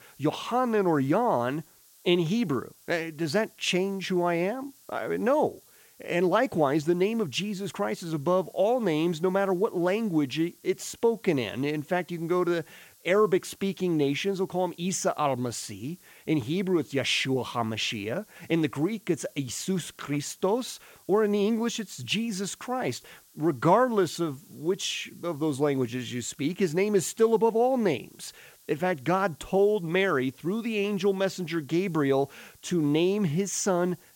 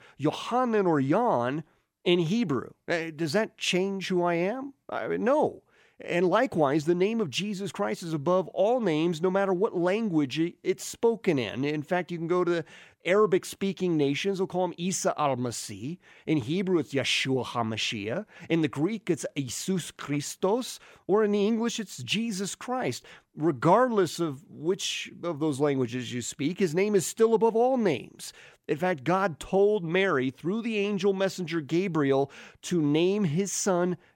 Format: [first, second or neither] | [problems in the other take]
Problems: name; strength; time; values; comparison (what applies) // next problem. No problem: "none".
second | hiss; faint; throughout; 25 dB below the speech